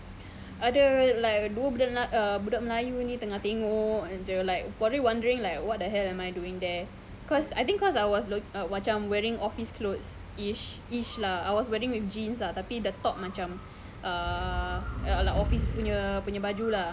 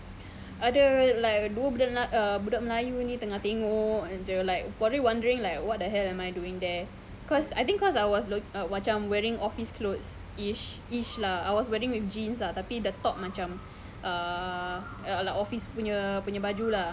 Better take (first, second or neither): second